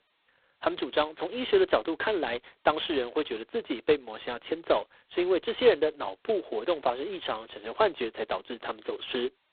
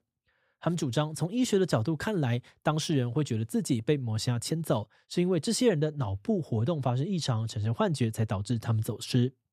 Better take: second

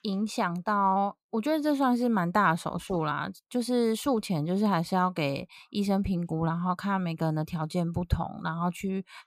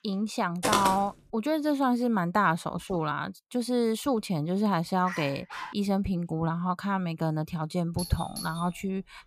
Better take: first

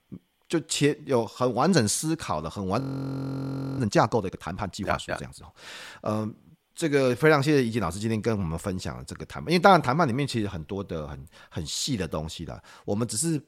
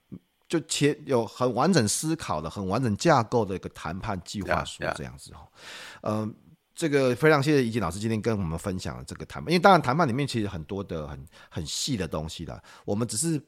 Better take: second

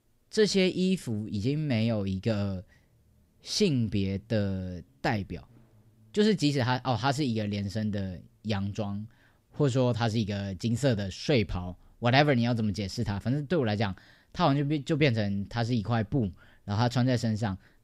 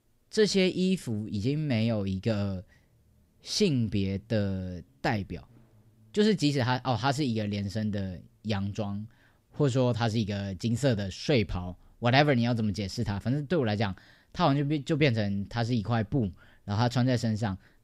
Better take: neither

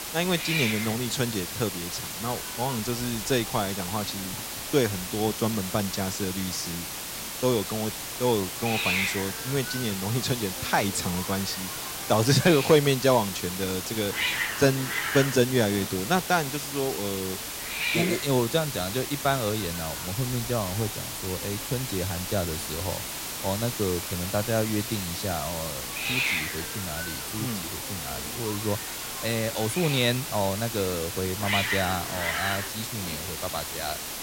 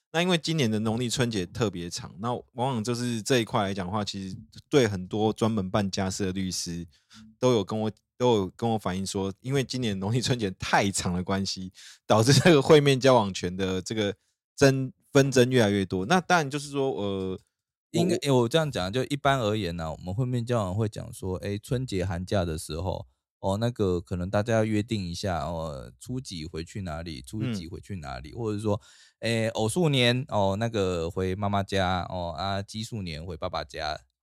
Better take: second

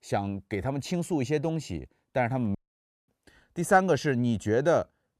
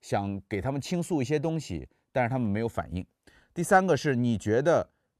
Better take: second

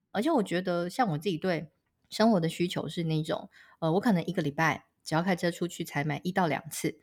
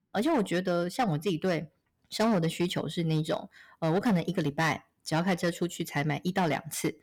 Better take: first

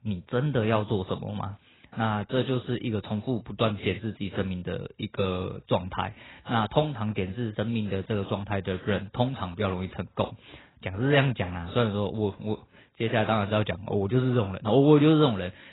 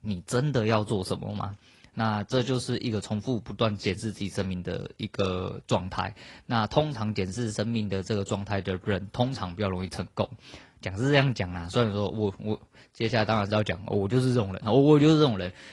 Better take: second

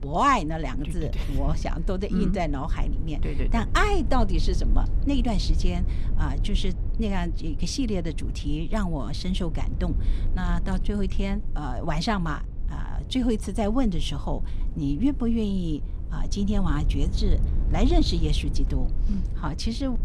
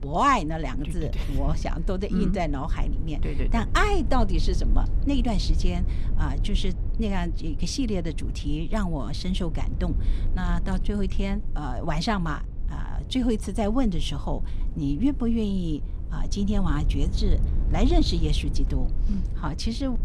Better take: neither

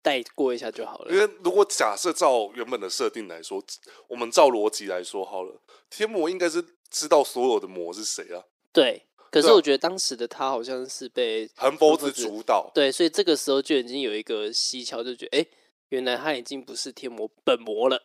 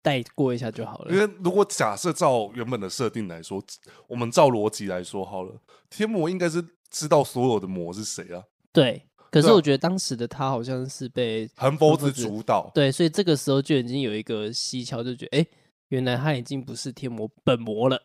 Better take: second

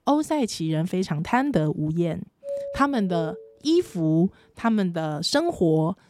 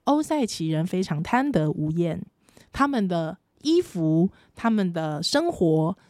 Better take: second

